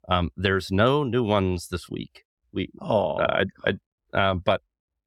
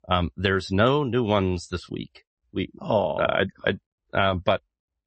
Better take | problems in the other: first | garbled, watery; slightly; nothing above 8 kHz

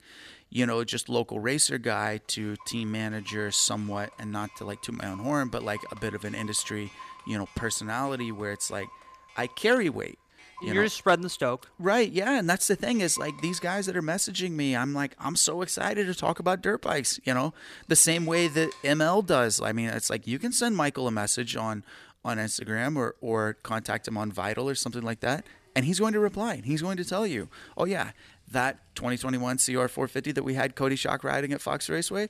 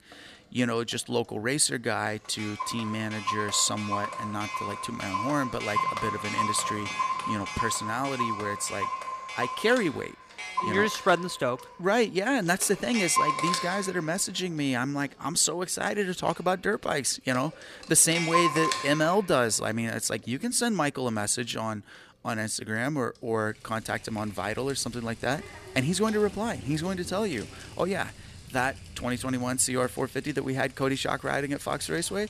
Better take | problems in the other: first | household noises; loud; throughout; 4 dB below the speech; faint in the first

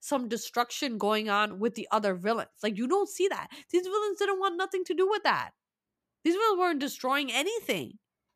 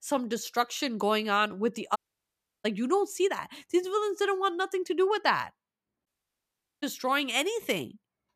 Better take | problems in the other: first | audio cutting out; at 2 s for 0.5 s and at 6 s for 1 s

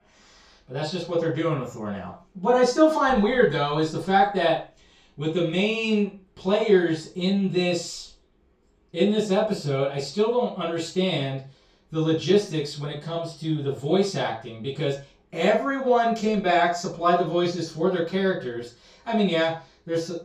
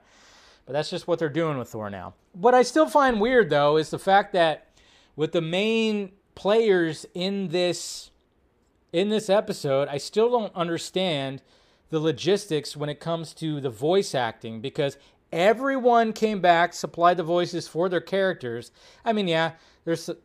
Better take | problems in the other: second | room echo; noticeable; dies away in 0.3 s // off-mic speech; far

